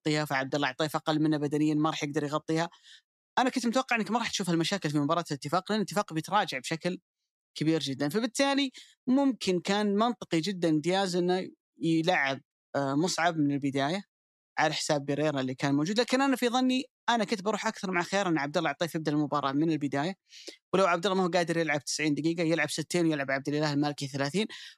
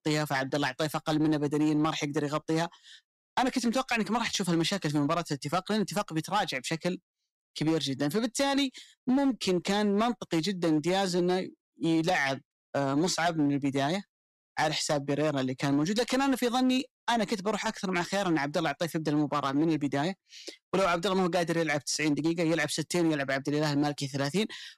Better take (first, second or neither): first